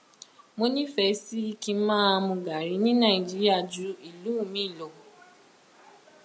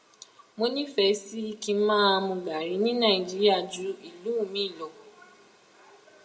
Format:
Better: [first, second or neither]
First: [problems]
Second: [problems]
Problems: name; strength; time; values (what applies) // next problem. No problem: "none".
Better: first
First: none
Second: room echo; dies away in 0.7 s